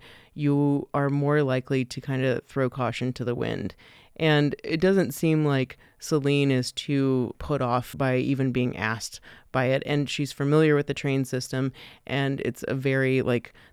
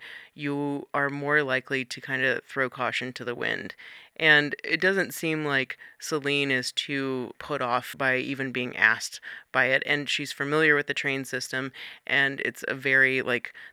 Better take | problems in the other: first | thin; somewhat; fading below 550 Hz

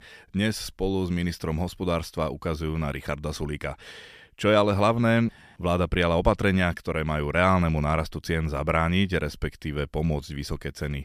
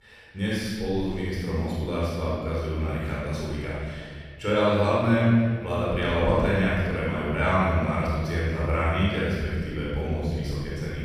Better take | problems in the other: first | off-mic speech; far // room echo; strong; dies away in 1.9 s

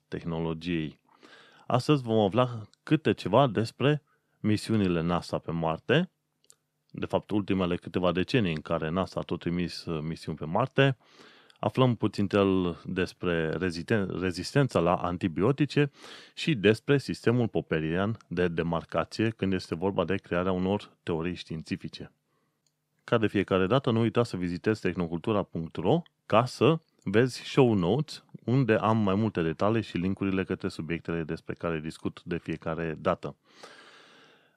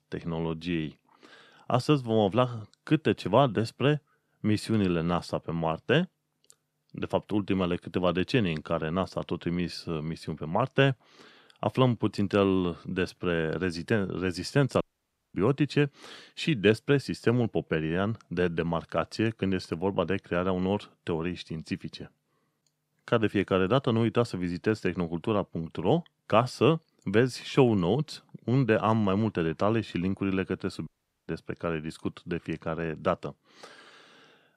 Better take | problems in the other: first | audio cutting out; at 15 s for 0.5 s and at 31 s

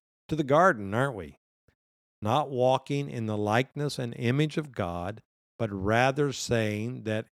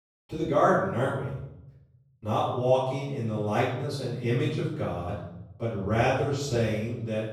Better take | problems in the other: first | off-mic speech; far // room echo; noticeable; dies away in 0.9 s

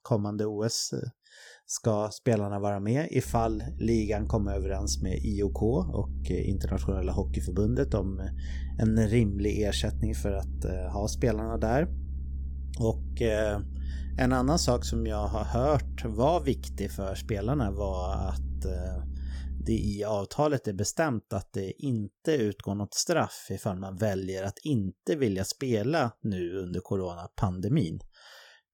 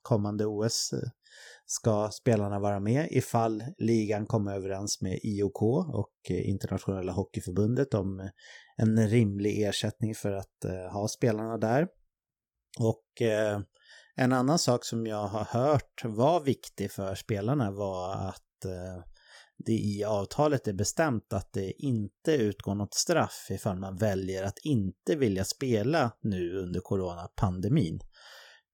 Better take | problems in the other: second | low rumble; faint; from 3.5 to 20 s; 20 dB below the speech

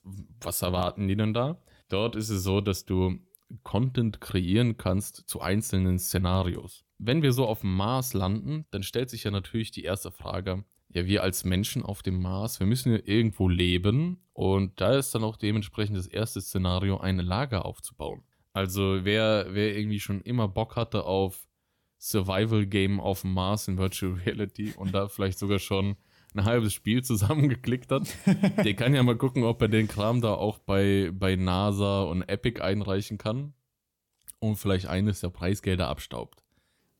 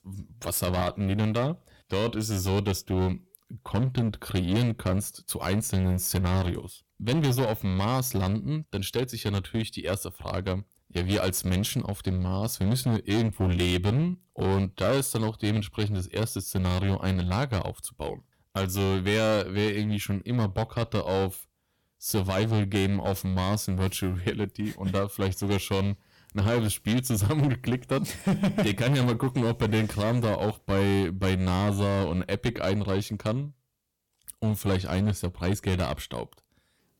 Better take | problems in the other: first | distortion; slight; 10% of the sound clipped

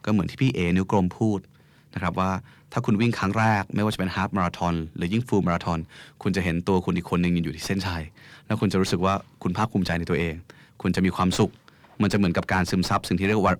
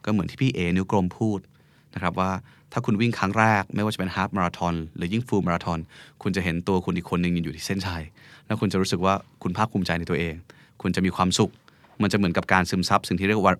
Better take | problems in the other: second | distortion; slight; 10 dB below the speech

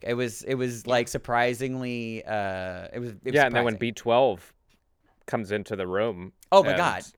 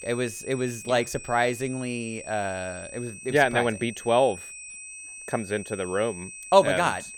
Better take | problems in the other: first | high-pitched whine; noticeable; throughout; 8.5 kHz, 15 dB below the speech

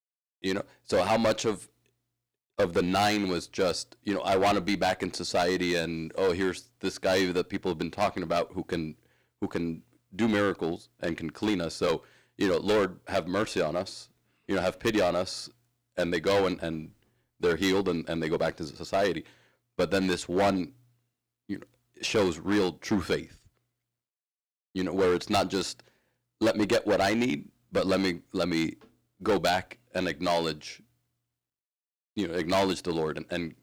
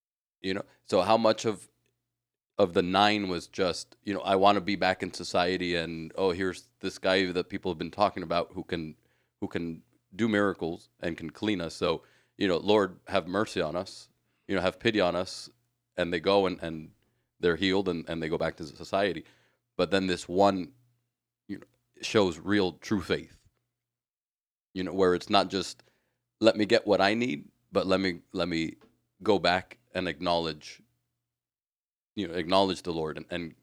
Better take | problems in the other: second | distortion; heavy; 6% of the sound clipped

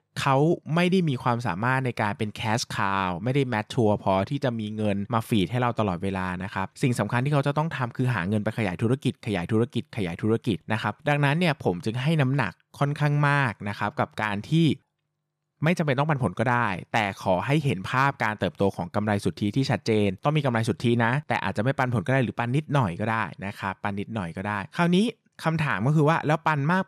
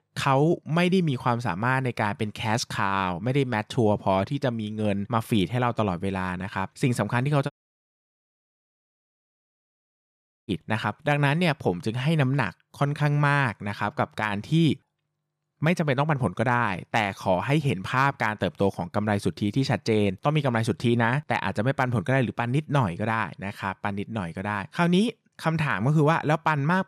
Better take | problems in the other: first | audio cutting out; at 7.5 s for 3 s

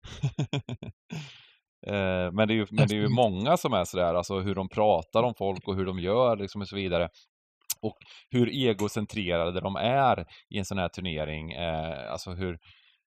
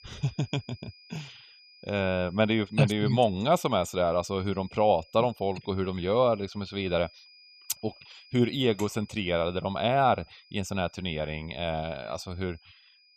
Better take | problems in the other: first | high-pitched whine; faint; throughout; 5 kHz, 25 dB below the speech

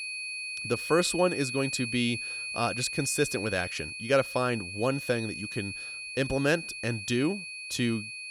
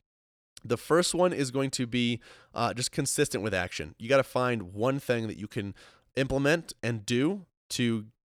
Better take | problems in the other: second | high-pitched whine; loud; throughout; 2.5 kHz, 6 dB below the speech

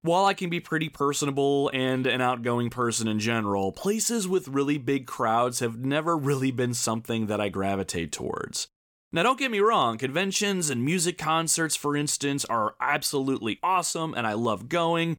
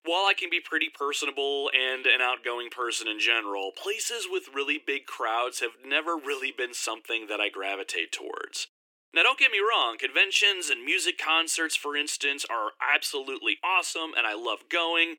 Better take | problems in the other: first | thin; very; fading below 300 Hz

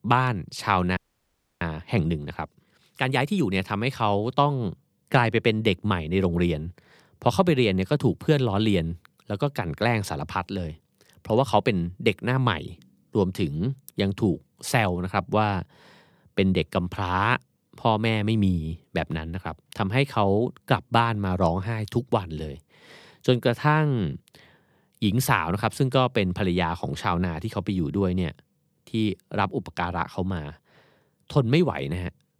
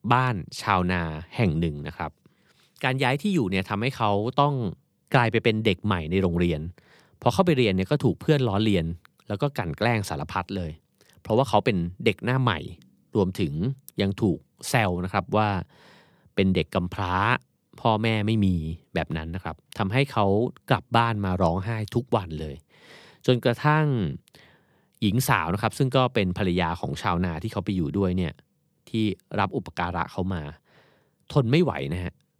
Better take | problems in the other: second | audio freezing; at 1 s for 0.5 s

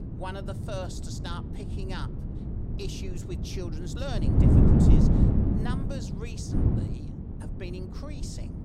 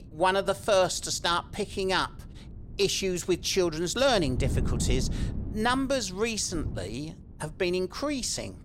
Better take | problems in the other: second | wind noise on the microphone; heavy; 4 dB above the speech; occasional gusts in the second

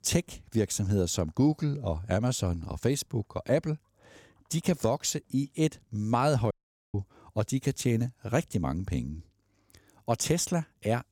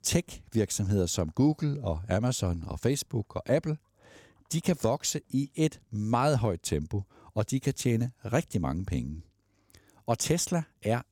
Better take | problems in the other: second | audio cutting out; at 6.5 s

